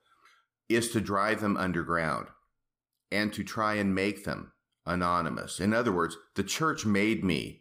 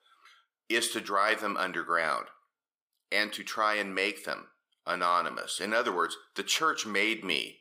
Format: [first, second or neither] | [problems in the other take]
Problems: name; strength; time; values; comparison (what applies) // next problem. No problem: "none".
first | thin; somewhat; fading below 500 Hz